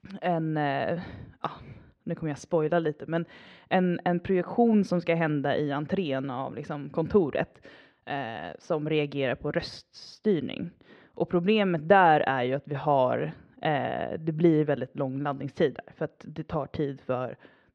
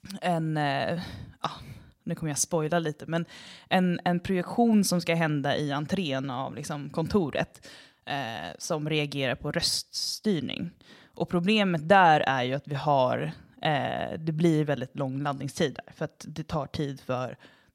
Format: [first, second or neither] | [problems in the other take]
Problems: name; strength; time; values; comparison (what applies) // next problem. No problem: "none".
second | muffled; very; fading above 2.5 kHz